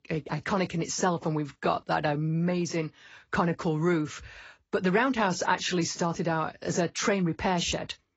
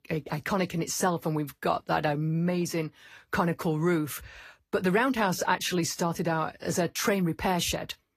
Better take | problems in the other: second | garbled, watery; badly; nothing above 7.5 kHz; slightly in the second

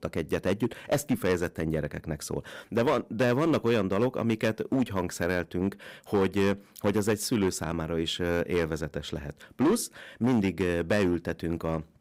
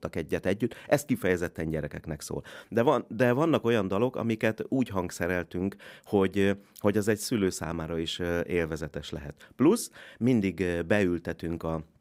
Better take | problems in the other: second | distortion; slight; 7% of the sound clipped

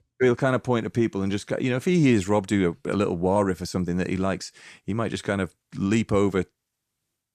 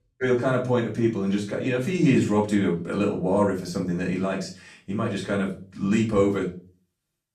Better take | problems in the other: first | off-mic speech; far // room echo; slight; dies away in 0.3 s

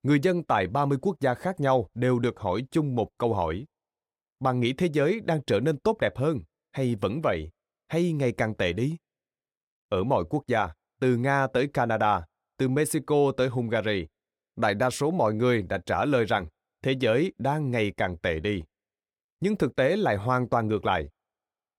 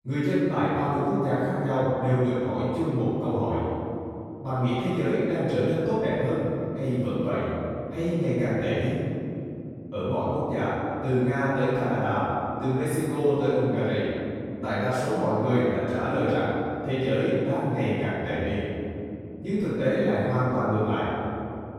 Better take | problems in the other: first | room echo; strong; dies away in 3 s // off-mic speech; far

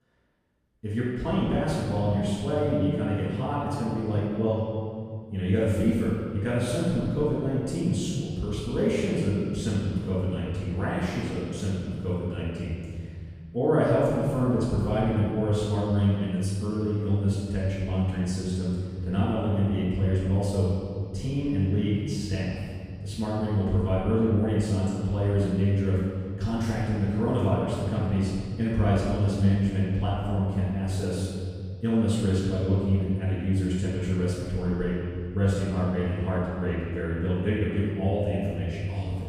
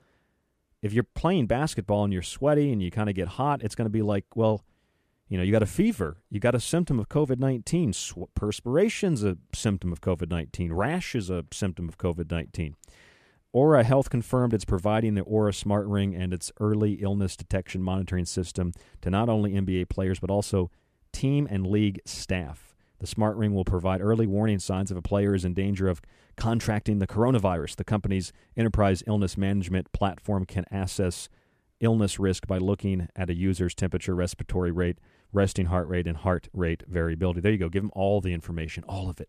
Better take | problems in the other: second | off-mic speech; far // room echo; strong; dies away in 2.2 s

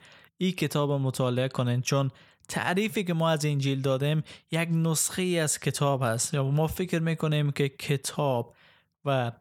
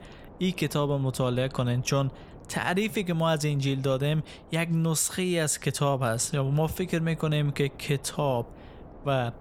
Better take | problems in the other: first | wind noise on the microphone; occasional gusts; 20 dB below the speech

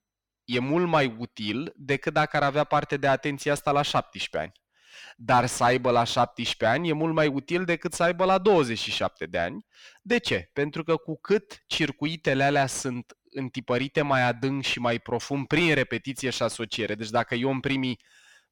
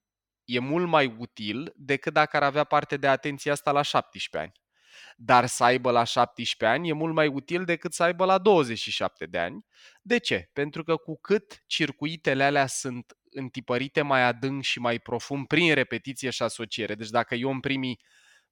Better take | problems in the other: second | distortion; slight; 10 dB below the speech

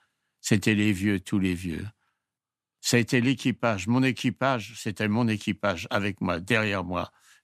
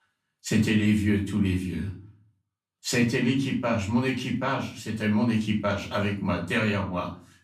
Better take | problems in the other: first | off-mic speech; far // room echo; slight; dies away in 0.3 s

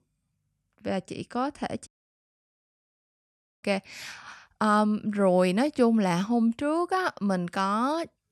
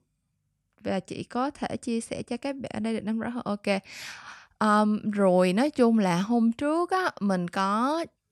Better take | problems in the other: second | audio cutting out; at 2 s for 2 s

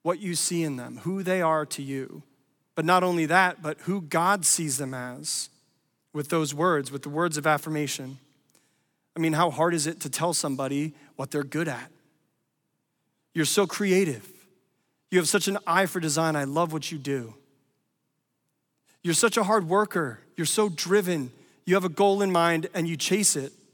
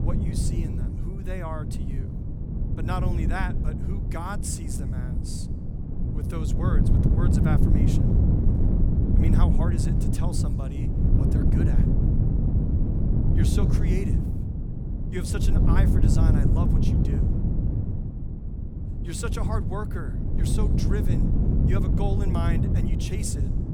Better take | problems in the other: first | wind noise on the microphone; heavy; 1 dB above the speech

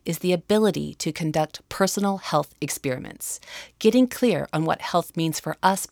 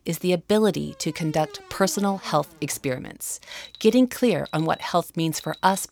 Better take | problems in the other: first | alarms or sirens; faint; from 1.5 s on; 20 dB below the speech

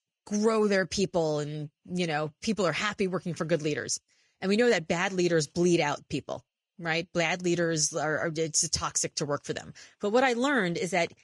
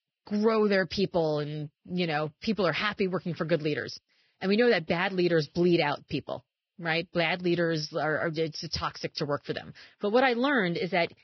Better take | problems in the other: first | garbled, watery; badly; nothing above 5.5 kHz; slightly in the first

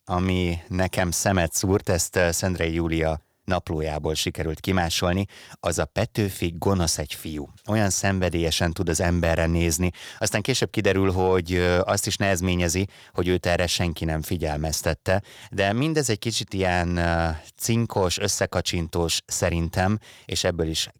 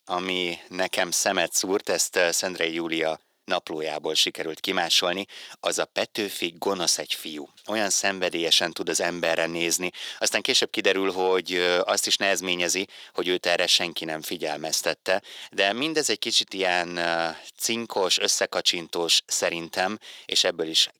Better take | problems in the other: first | thin; somewhat; fading below 300 Hz

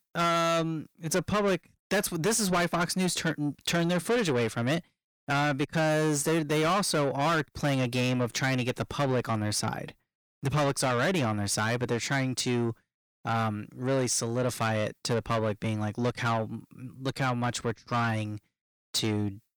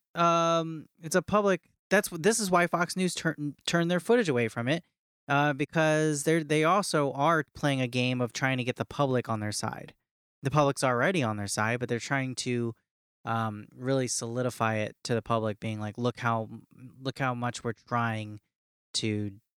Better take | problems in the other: second | distortion; heavy; 7 dB below the speech

